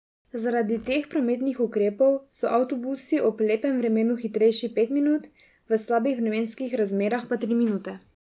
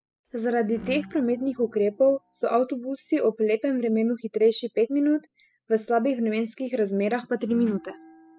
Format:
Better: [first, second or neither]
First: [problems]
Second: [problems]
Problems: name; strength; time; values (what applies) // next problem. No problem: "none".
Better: first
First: none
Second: noise reduction (classical method spectral subtraction)